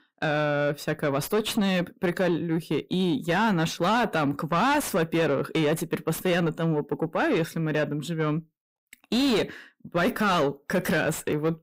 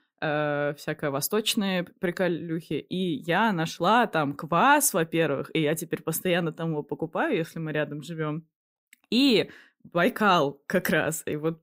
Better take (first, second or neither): second